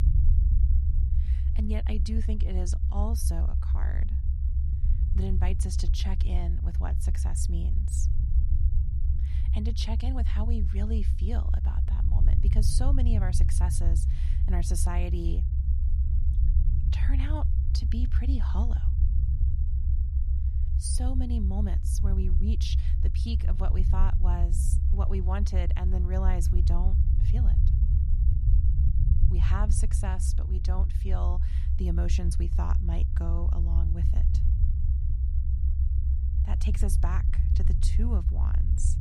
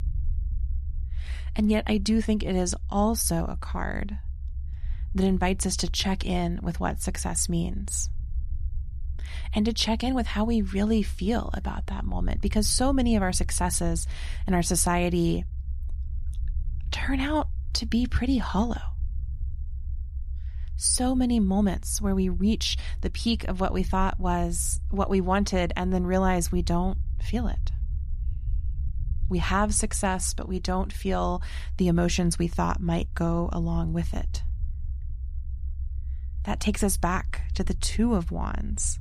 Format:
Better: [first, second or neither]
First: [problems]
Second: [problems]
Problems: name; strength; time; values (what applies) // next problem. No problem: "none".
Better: second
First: low rumble; loud; throughout; 4 dB below the speech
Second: low rumble; faint; throughout; 25 dB below the speech